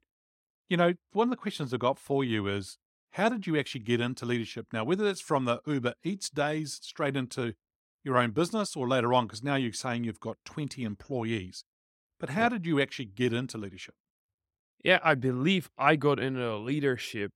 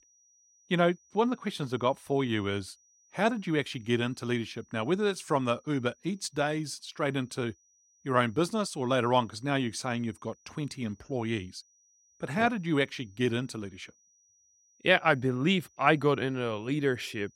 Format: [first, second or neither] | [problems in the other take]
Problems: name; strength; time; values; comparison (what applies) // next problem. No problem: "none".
first | high-pitched whine; faint; throughout; 6 kHz, 35 dB below the speech